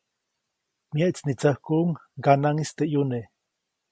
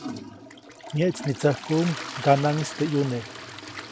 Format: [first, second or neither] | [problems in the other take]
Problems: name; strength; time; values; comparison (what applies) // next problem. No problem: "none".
first | background sound (Toilet flush); 12 dB below the speech